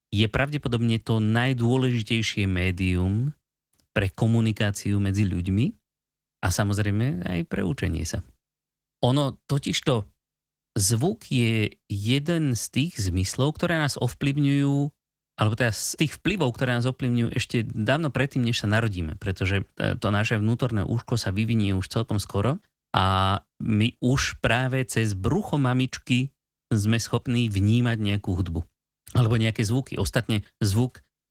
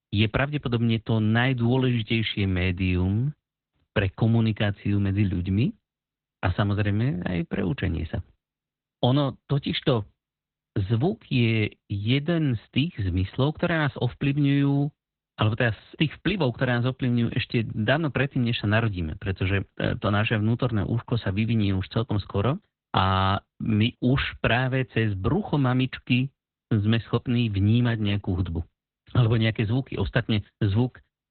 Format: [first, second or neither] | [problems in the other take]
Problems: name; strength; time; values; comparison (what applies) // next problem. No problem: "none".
first | garbled, watery; badly; nothing above 4 kHz; slightly in the first